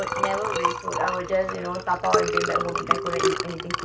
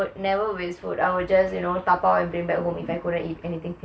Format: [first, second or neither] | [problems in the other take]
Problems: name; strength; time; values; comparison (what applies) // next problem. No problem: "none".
second | background sound (Liquid); 2 dB above the speech